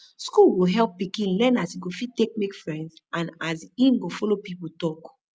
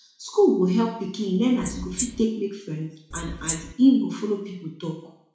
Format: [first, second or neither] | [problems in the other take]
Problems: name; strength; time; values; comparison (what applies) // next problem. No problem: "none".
first | background sound (Wild animals); 8 dB below the speech // room echo; dies away in 0.6 s